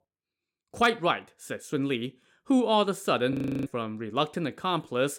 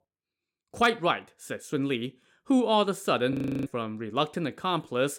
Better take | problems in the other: neither | audio freezing; at 3.5 s; the same in both

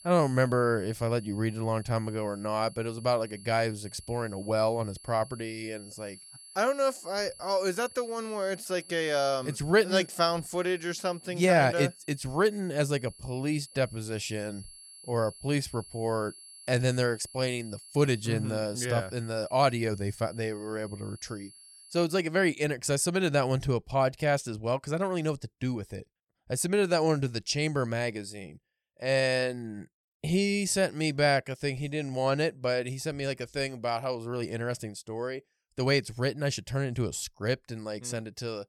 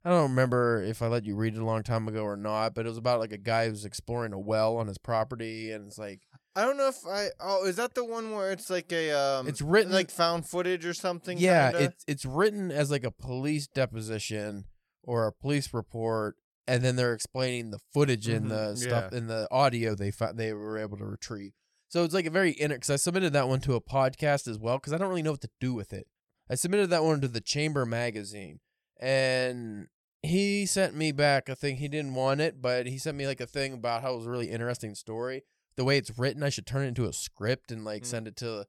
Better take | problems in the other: second | high-pitched whine; noticeable; until 22 s; 11 kHz, 20 dB below the speech

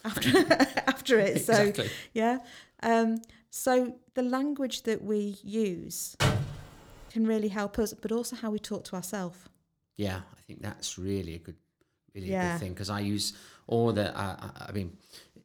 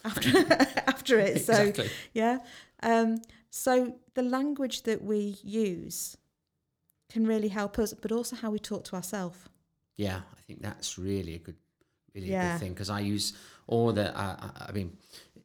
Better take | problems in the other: second | door banging; loud; at 6 s; peak 2 dB above the speech

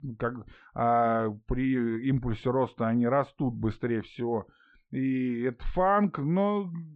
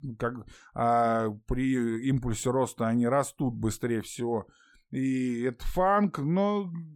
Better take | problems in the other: second | muffled; very; fading above 3 kHz

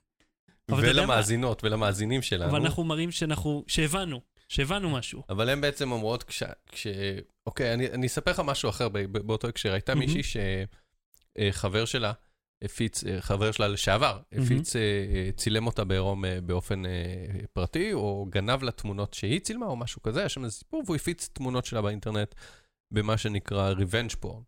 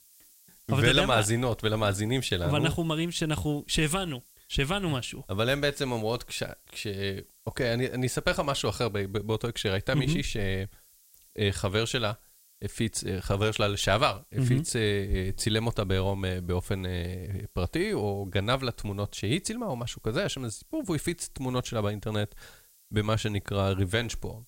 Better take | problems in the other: first | hiss; faint; throughout; 25 dB below the speech

